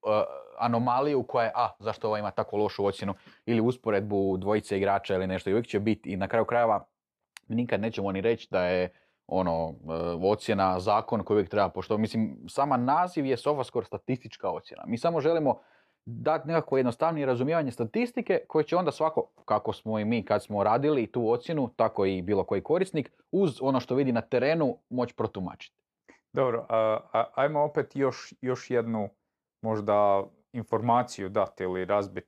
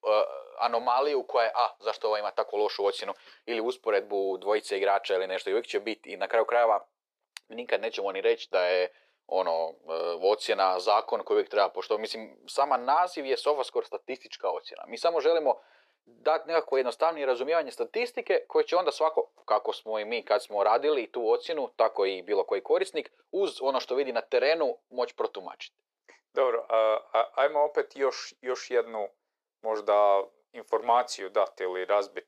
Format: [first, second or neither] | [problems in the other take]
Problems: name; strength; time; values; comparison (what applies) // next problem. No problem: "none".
first | thin; very; fading below 450 Hz